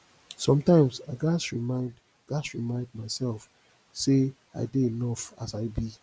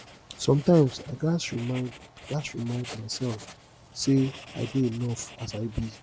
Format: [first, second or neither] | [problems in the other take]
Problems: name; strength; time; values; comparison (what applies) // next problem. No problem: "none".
first | background sound (Writing); 18 dB below the speech